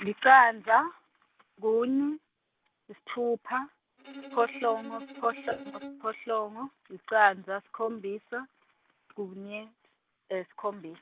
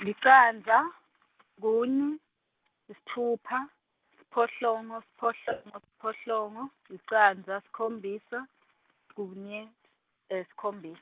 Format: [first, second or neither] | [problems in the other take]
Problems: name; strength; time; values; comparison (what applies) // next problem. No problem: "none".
second | background sound (Bowed string instrument); 17 dB below the speech